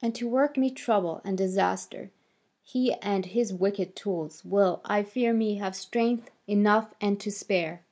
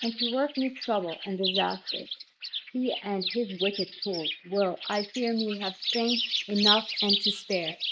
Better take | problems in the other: first | noise reduction (neural mask model Resemble Enhance denoiser)

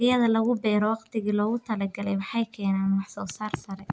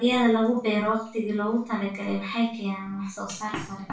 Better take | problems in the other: first | room echo; dies away in 0.3 s

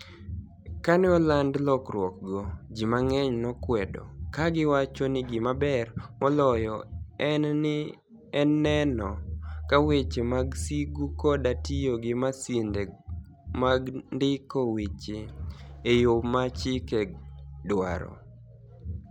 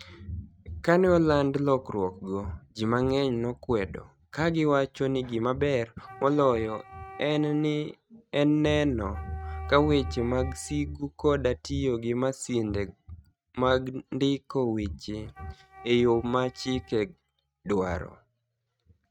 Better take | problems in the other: first | noise reduction (neural mask model RNNoise)

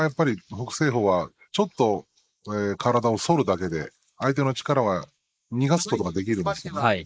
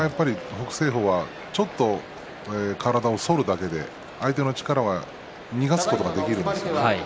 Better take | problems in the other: second | noise reduction (neural mask model Resemble Enhance denoiser)

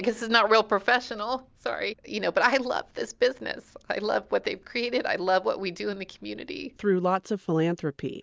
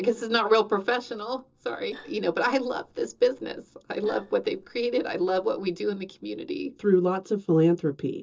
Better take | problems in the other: first | noise reduction (neural separator model SepFormer DNS4)

